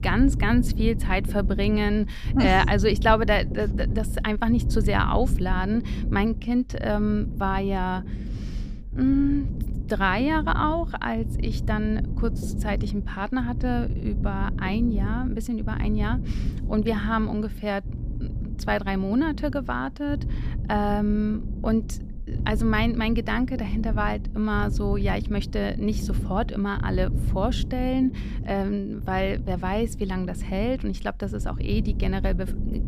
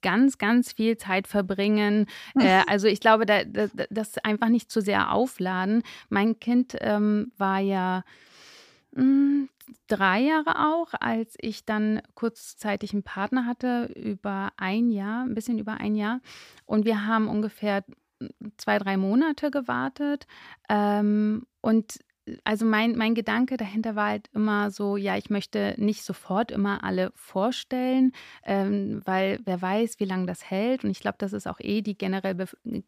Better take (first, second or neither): second